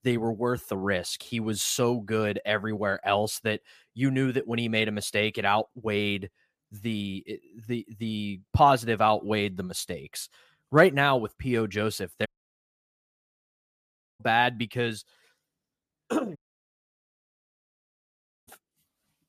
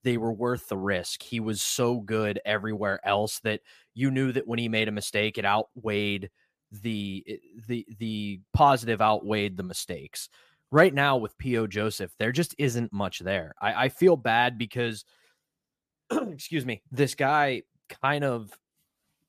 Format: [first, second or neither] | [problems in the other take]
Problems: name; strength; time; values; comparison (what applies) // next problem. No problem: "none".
second | audio cutting out; at 12 s for 2 s and at 16 s for 2 s